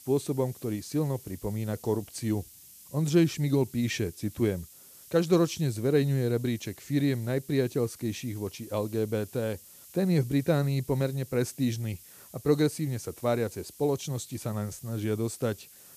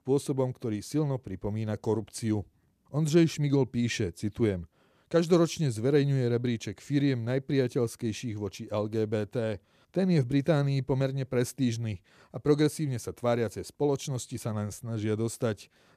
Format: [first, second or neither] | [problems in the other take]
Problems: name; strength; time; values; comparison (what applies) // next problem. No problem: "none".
second | hiss; noticeable; throughout; 20 dB below the speech